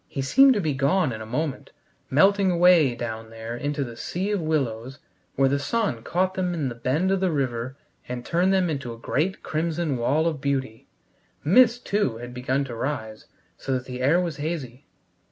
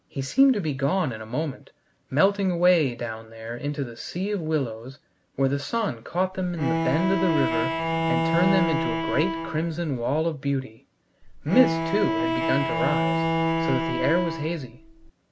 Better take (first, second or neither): first